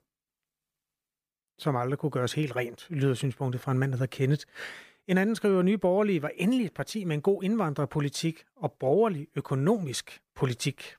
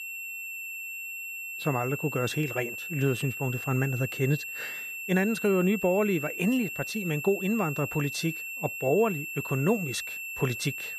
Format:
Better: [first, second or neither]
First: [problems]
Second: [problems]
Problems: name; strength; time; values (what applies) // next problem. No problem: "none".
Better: first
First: none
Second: high-pitched whine; loud; throughout; 2.5 kHz, 6 dB below the speech